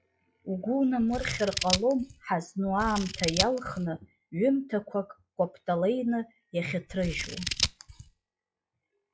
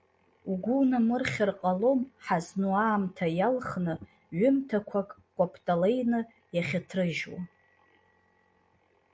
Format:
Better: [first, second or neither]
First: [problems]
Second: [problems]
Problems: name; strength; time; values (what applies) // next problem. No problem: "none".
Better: second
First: noise reduction (classical method log-MMSE)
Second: none